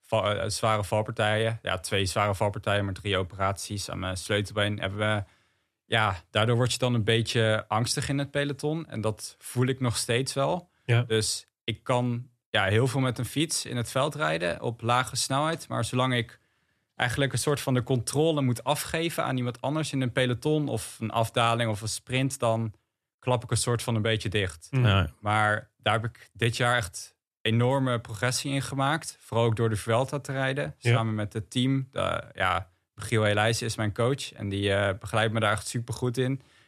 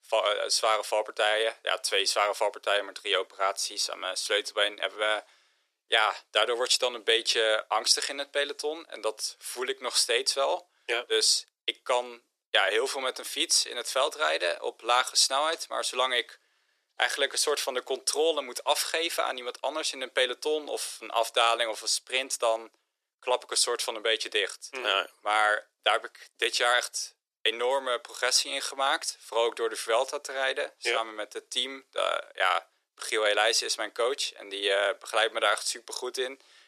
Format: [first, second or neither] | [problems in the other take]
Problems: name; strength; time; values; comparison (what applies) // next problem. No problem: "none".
first | thin; very; fading below 400 Hz